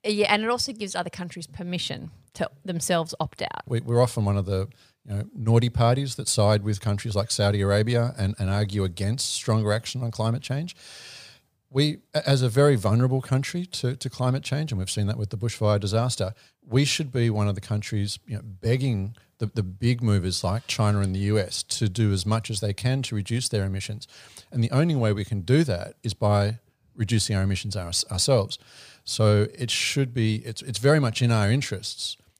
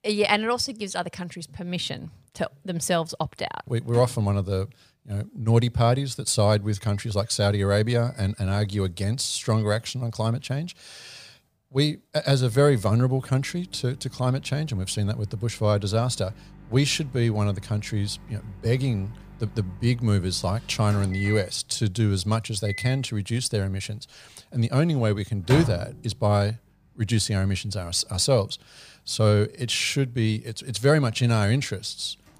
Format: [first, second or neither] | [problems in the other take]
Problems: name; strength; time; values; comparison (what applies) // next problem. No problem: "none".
first | household noises; noticeable; throughout; 15 dB below the speech